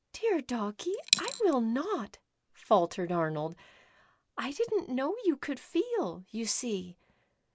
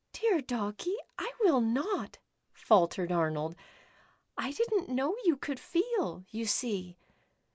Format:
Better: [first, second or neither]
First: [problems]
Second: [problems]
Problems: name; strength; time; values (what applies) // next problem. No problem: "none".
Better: second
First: background sound (Coin (dropping)); as loud as the speech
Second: none